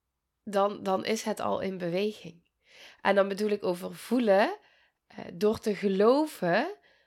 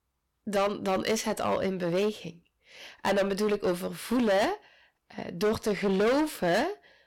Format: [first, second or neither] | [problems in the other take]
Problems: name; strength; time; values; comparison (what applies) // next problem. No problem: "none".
first | distortion; heavy; 14% of the sound clipped